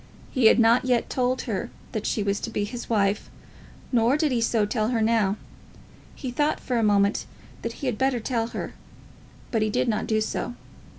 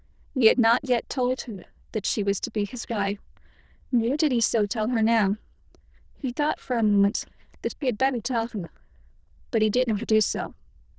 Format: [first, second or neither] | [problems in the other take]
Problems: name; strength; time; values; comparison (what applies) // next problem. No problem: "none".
first | noise reduction (neural diffusion model UNIVERSE++)